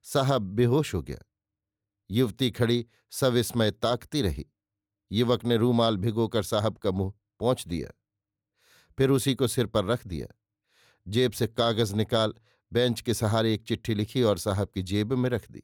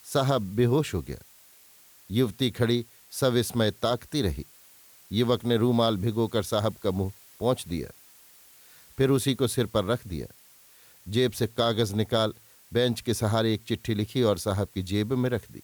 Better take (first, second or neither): first